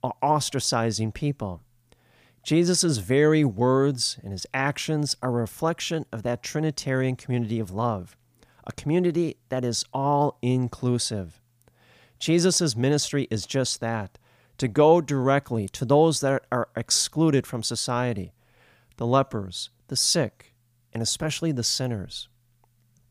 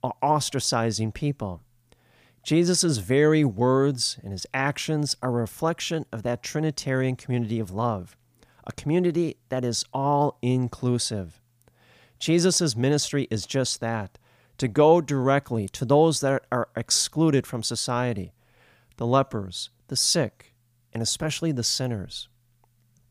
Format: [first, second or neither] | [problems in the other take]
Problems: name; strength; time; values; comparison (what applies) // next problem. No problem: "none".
neither | none